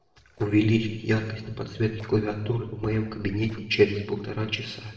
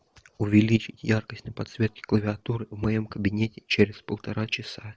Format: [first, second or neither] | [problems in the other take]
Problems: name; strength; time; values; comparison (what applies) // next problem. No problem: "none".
second | noise reduction (neural separator model SepFormer DNS4)